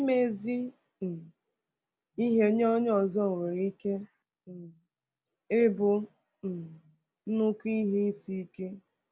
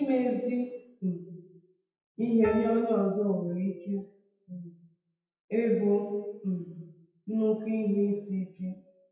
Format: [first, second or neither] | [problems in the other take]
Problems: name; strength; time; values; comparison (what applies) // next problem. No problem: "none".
first | noise reduction (classical method WPE with log-MMSE)